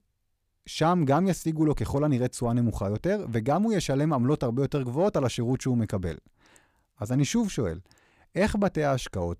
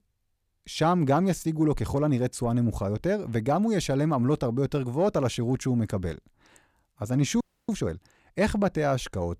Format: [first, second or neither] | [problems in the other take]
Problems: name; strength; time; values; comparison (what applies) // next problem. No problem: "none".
first | audio freezing; at 7.5 s